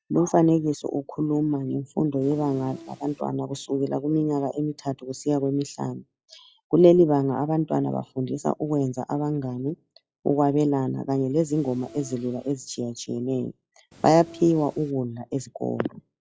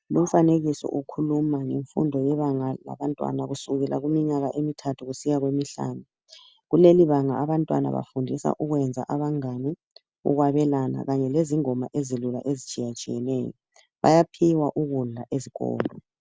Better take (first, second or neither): second